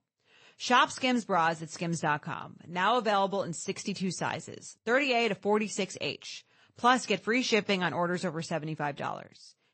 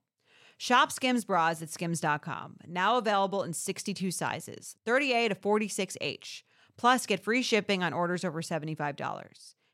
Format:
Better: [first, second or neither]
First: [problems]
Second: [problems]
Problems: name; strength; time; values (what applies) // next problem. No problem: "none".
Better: second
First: garbled, watery; slightly; nothing above 8 kHz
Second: none